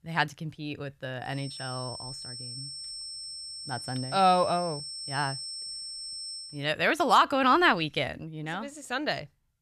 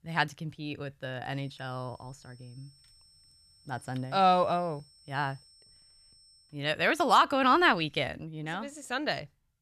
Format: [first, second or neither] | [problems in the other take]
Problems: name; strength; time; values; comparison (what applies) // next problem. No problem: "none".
second | high-pitched whine; loud; from 1.5 to 6.5 s; 5.5 kHz, 9 dB below the speech; faint in the second